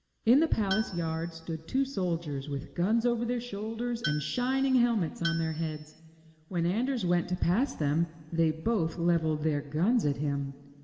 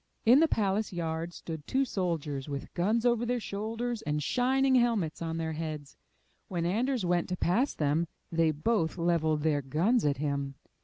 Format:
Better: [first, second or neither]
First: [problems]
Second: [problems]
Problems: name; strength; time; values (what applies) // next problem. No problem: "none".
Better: second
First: background sound (Tools); 11 dB below the speech // room echo; dies away in 1.7 s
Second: none